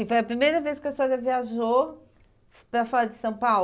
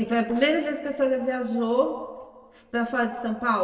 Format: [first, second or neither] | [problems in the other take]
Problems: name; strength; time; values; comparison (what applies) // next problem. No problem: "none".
first | noise reduction (neural separator model SepFormer DNS4)